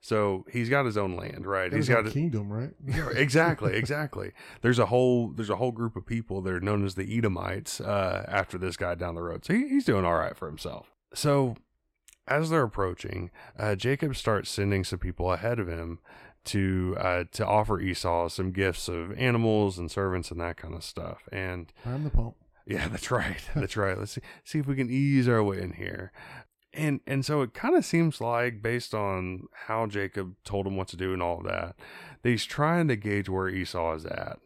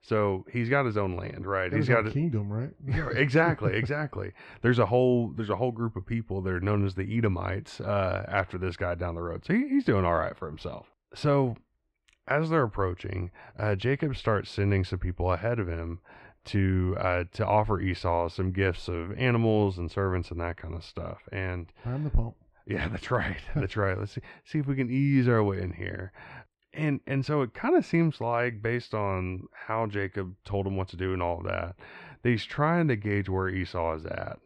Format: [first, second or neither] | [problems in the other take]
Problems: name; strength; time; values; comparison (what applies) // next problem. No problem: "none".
first | muffled; slightly; fading above 3.5 kHz